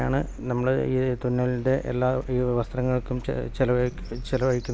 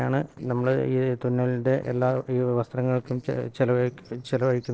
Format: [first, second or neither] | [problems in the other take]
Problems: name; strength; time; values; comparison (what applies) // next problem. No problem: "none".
first | noise reduction (neural separator model SepFormer DNS4)